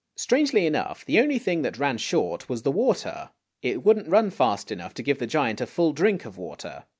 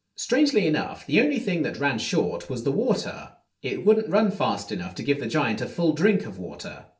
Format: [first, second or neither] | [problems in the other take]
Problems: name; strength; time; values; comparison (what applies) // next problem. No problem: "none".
first | room echo; dies away in 0.3 s